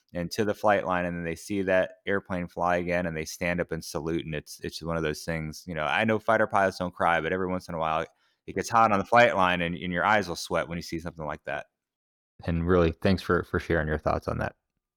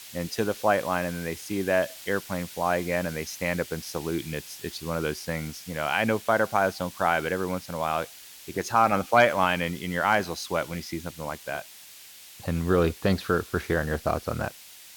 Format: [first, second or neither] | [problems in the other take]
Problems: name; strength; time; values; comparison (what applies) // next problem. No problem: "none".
first | hiss; noticeable; throughout; 15 dB below the speech